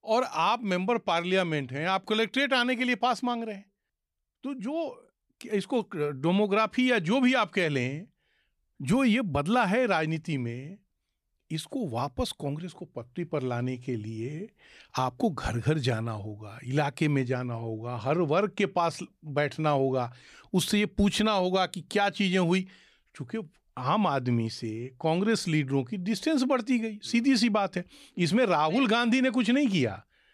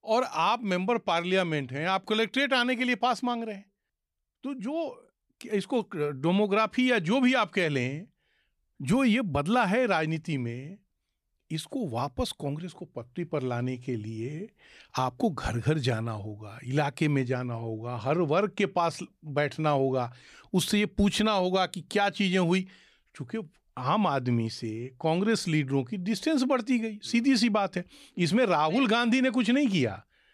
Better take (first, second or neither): neither